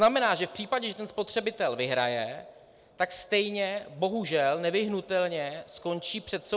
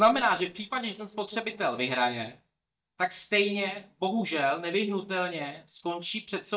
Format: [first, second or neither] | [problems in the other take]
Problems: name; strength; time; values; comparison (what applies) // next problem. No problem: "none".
first | noise reduction (neural mask model DeepFilterNet 3)